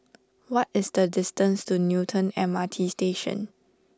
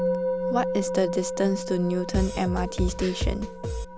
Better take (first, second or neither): first